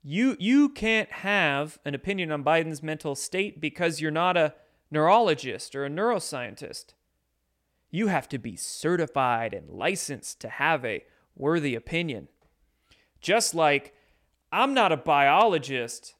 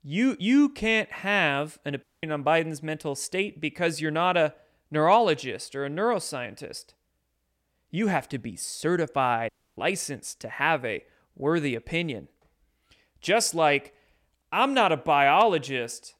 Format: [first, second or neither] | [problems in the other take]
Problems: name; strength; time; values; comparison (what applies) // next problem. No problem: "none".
first | audio cutting out; at 2 s and at 9.5 s